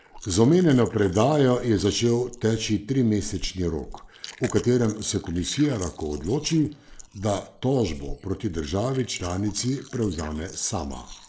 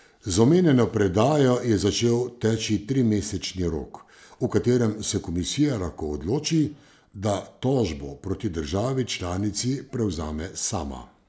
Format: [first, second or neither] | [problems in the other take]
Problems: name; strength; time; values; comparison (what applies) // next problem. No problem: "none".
second | noise reduction (neural mask model Resemble Enhance denoiser)